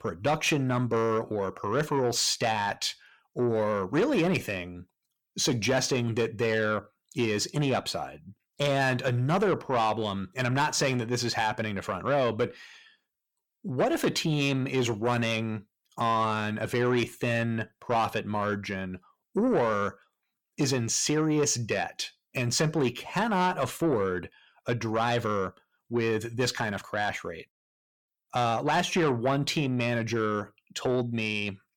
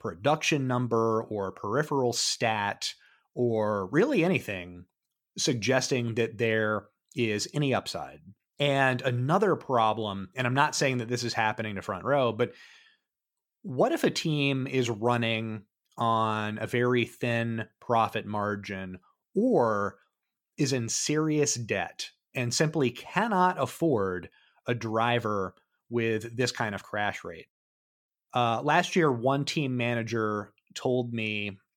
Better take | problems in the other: second | distortion; slight; 10 dB below the speech

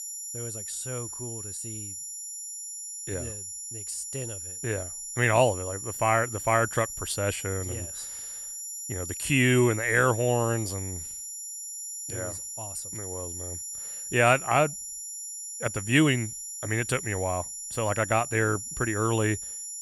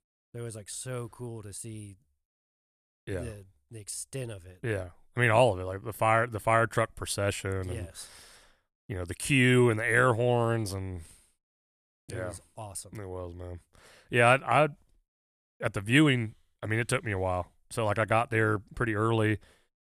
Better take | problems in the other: second | high-pitched whine; loud; throughout; 7 kHz, 8 dB below the speech

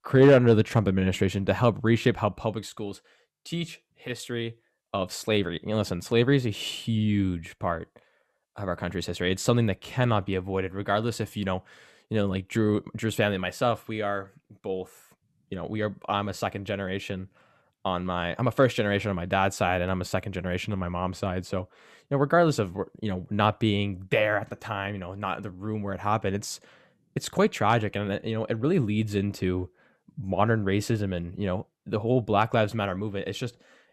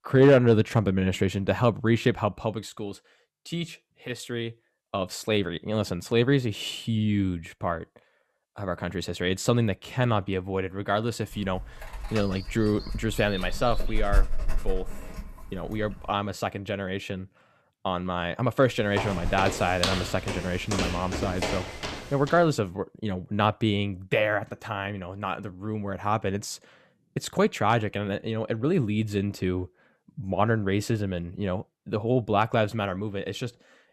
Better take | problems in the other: first | dog barking; noticeable; from 12 to 15 s; peak 1 dB below the speech // footsteps; noticeable; from 19 to 22 s; peak 1 dB below the speech

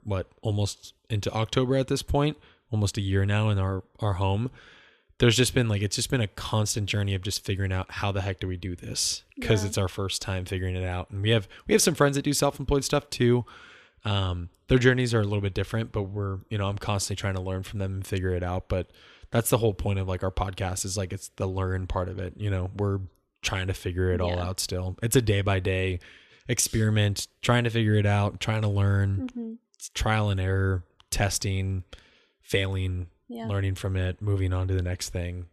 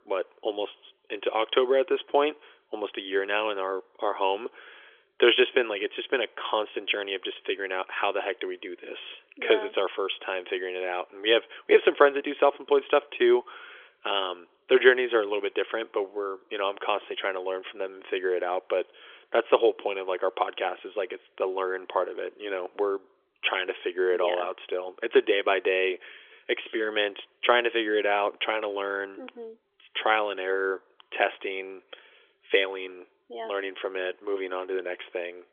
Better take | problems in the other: first | phone-call audio; nothing above 3.5 kHz

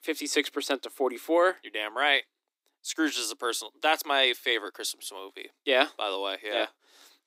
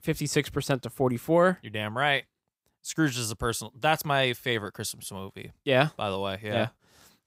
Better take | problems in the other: second | thin; somewhat; fading below 300 Hz

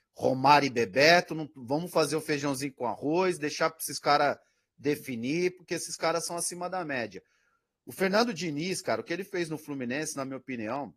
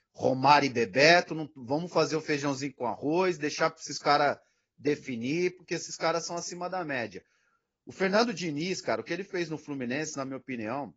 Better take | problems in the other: first | garbled, watery; badly; nothing above 6.5 kHz; slightly in the first

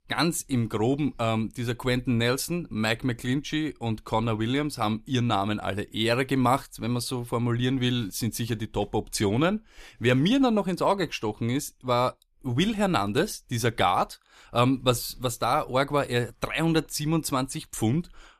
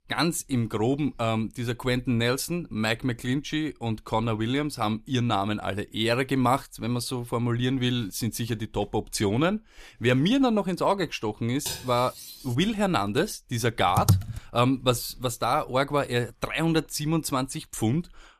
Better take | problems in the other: first | clattering dishes; noticeable; at 12 s; peak 7 dB below the speech // keyboard typing; loud; at 14 s; peak 3 dB above the speech

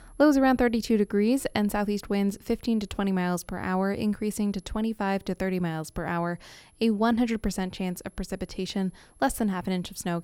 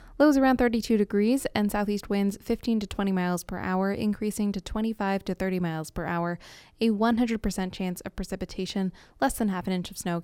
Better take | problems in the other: second | high-pitched whine; faint; throughout; 11 kHz, 35 dB below the speech

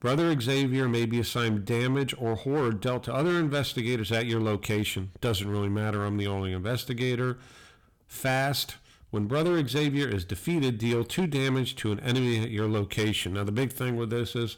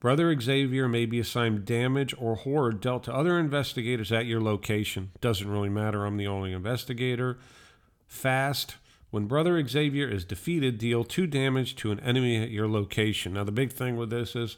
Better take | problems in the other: second | distortion; slight; 9% of the sound clipped

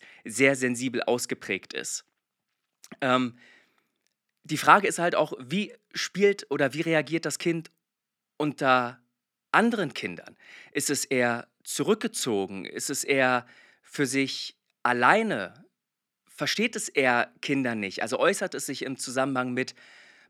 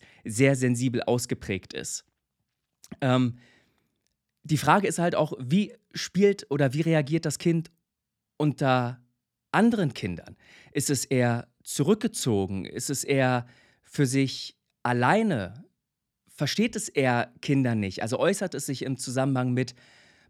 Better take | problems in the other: second | thin; somewhat; fading below 250 Hz

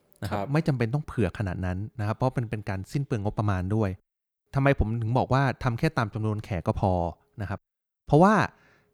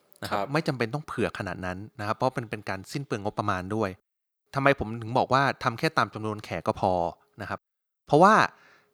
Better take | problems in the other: first | thin; somewhat; fading below 450 Hz

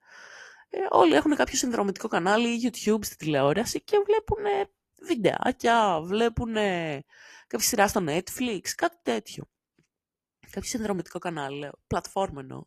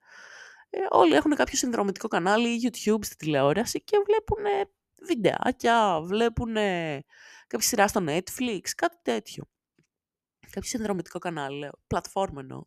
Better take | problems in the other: second | garbled, watery; slightly; nothing above 14 kHz

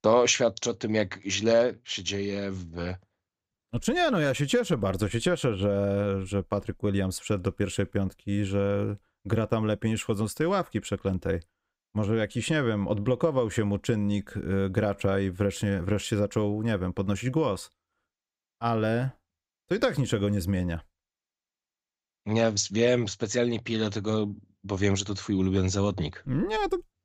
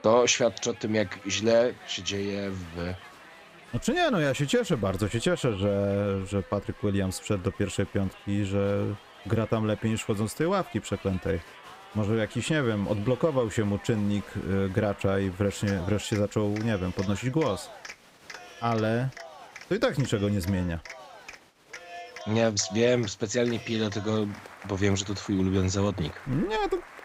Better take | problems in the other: first | crowd noise; noticeable; throughout; 20 dB below the speech

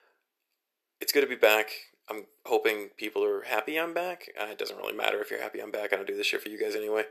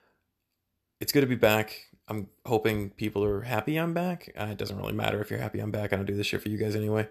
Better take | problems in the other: second | thin; very; fading below 400 Hz

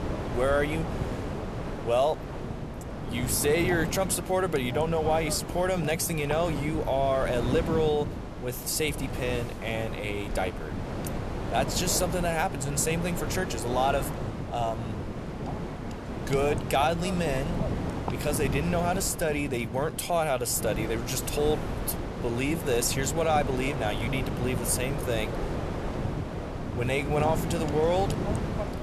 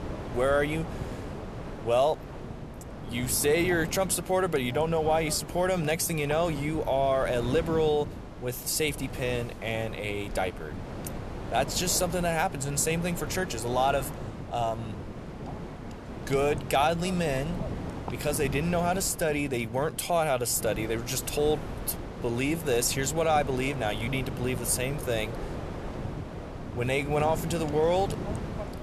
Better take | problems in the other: second | wind noise on the microphone; heavy; 8 dB below the speech; occasional gusts in the second

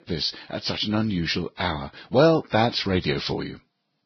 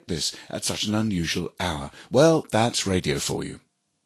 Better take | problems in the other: second | garbled, watery; badly; nothing above 5.5 kHz; slightly in the second

